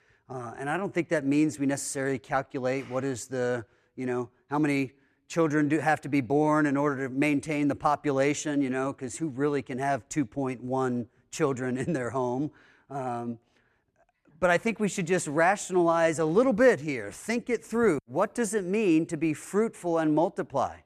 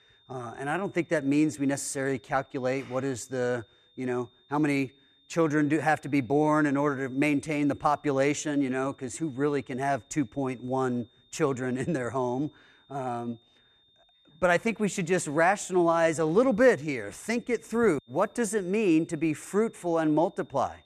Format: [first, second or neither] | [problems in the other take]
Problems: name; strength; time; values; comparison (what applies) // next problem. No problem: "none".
first | high-pitched whine; faint; throughout; 3.5 kHz, 35 dB below the speech